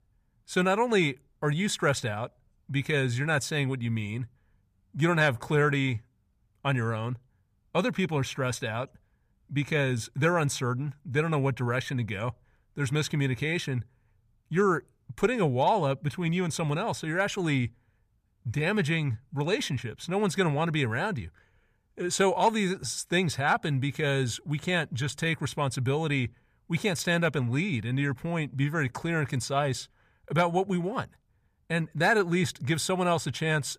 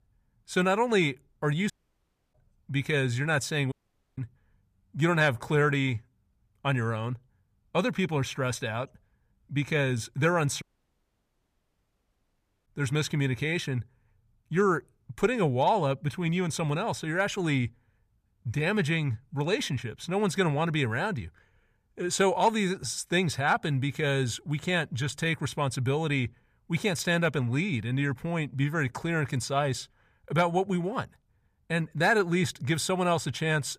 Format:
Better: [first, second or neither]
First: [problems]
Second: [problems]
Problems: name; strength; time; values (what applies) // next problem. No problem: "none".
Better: first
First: none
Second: audio cutting out; at 1.5 s for 0.5 s, at 3.5 s and at 11 s for 2 s